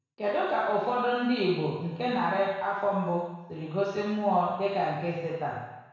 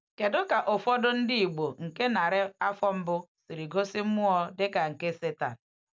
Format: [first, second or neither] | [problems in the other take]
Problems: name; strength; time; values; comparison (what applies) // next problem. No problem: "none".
second | room echo; dies away in 1.1 s